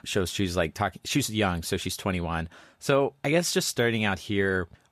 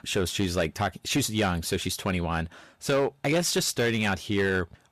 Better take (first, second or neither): first